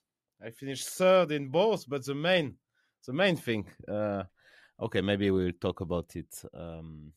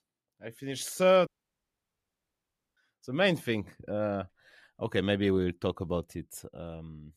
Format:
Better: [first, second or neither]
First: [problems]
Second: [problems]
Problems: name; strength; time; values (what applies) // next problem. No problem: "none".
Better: first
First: none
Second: audio cutting out; at 1.5 s for 1.5 s